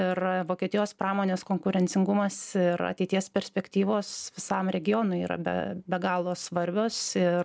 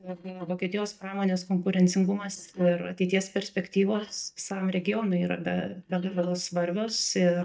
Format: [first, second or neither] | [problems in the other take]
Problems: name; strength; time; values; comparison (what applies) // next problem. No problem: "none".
first | noise reduction (neural mask model DeepFilterNet 3)